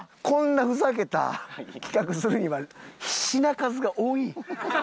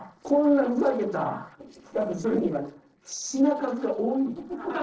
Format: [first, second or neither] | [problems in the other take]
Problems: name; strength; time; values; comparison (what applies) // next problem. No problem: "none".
first | noise reduction (neural separator model SepFormer DNS4)